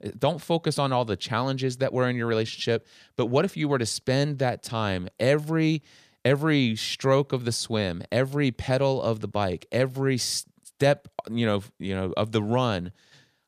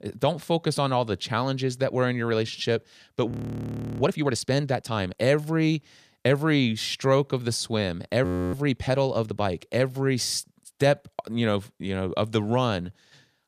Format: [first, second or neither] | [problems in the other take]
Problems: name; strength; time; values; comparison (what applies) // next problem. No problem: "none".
first | audio freezing; at 3.5 s for 0.5 s and at 8.5 s